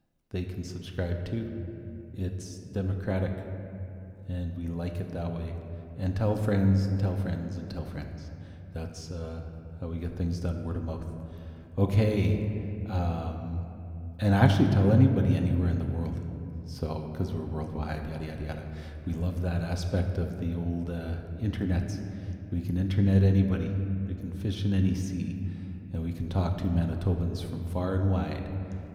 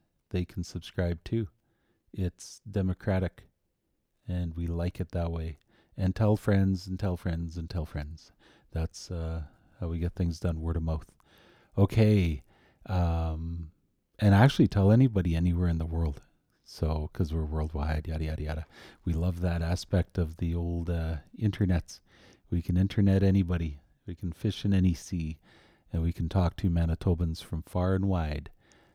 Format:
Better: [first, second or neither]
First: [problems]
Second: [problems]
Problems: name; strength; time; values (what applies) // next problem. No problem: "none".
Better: second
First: room echo; slight; dies away in 2.3 s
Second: none